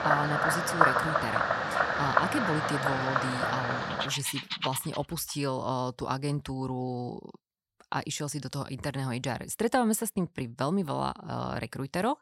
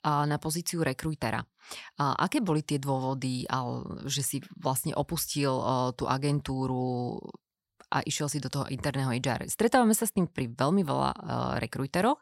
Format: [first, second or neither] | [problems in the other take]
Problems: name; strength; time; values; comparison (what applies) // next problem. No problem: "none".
second | animal sounds; very loud; until 5 s; 4 dB above the speech